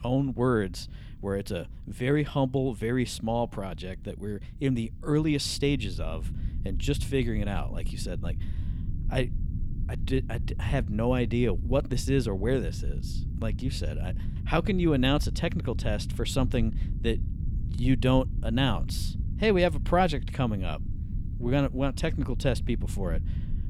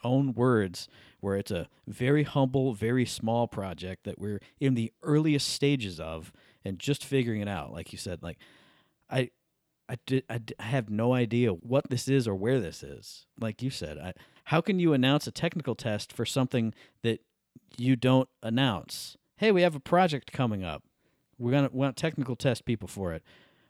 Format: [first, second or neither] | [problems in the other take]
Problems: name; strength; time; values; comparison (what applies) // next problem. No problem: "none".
second | low rumble; noticeable; throughout; 20 dB below the speech